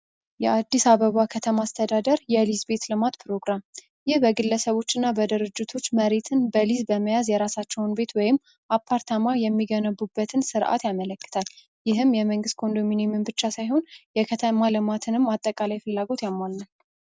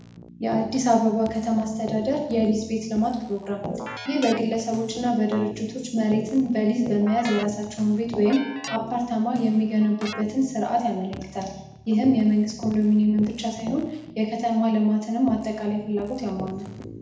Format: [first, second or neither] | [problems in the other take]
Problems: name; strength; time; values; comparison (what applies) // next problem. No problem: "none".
first | background sound (Keyboard (musical)); 14 dB below the speech // room echo; dies away in 0.8 s